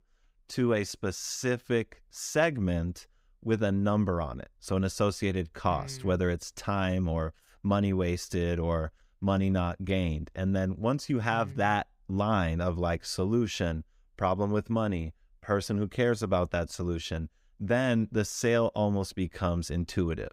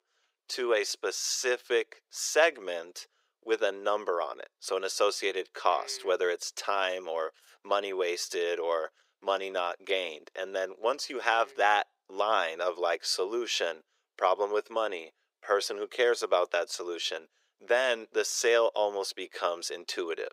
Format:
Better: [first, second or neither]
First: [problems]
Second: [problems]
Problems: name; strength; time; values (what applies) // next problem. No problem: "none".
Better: first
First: none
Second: thin; very; fading below 400 Hz